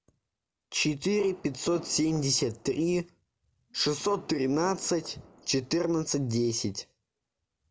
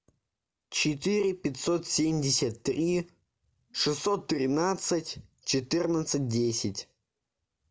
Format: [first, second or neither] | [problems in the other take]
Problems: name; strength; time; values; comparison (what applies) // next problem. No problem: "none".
second | background sound (Fireworks); 19 dB below the speech